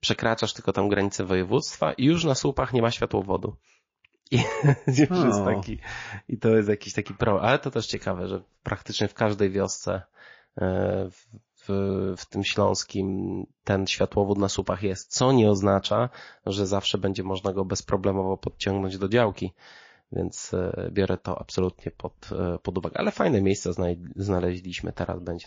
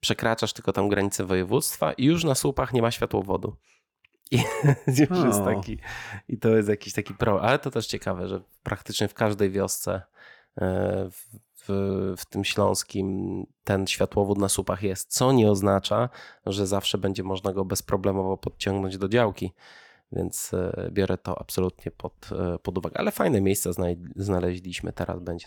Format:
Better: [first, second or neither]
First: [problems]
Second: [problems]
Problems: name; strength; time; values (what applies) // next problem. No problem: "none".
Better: second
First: garbled, watery; slightly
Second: none